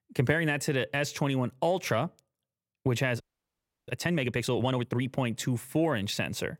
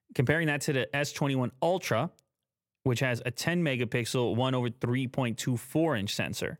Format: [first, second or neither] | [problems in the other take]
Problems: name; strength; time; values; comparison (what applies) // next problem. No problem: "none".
second | audio freezing; at 3 s for 0.5 s